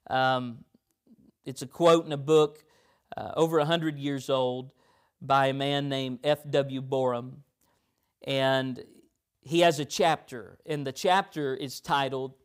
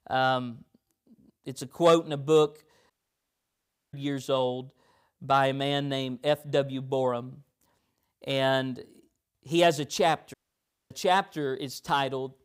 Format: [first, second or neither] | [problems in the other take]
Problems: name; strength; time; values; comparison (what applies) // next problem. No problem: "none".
first | audio cutting out; at 3 s for 1 s and at 10 s for 0.5 s